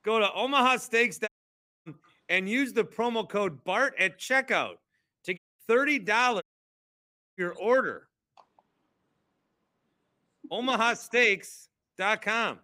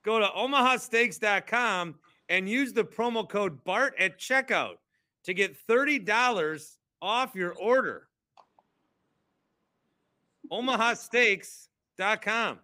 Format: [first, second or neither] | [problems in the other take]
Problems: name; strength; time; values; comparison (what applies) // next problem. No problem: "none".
second | audio cutting out; at 1.5 s for 0.5 s, at 5.5 s and at 6.5 s for 1 s